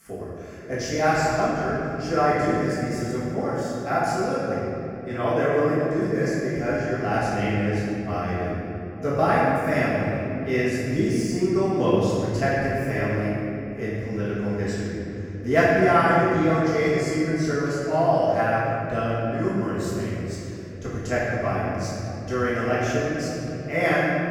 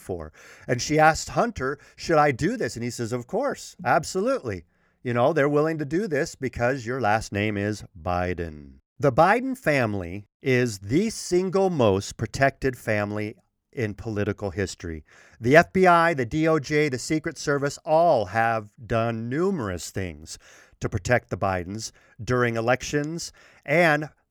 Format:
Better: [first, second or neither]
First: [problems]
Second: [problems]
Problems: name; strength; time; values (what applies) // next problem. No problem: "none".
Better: second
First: room echo; strong; dies away in 3 s // off-mic speech; far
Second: none